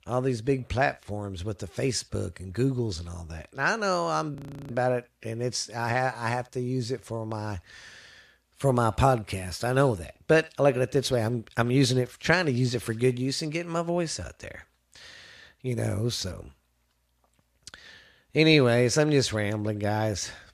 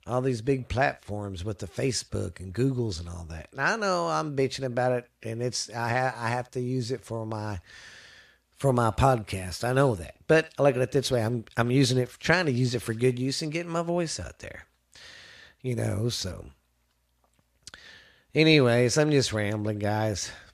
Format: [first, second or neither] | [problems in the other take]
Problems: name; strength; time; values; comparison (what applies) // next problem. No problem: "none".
second | audio freezing; at 4.5 s